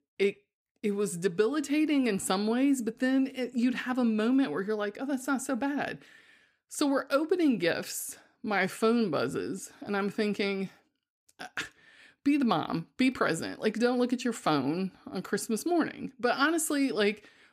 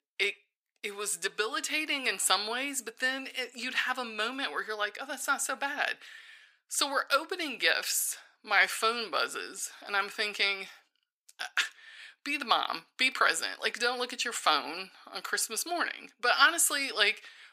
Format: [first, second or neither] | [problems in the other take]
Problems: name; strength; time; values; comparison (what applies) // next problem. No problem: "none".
first | thin; very; fading below 1 kHz